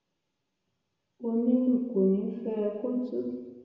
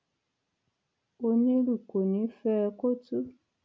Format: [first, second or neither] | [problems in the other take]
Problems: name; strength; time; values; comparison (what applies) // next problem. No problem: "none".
second | room echo; dies away in 1.1 s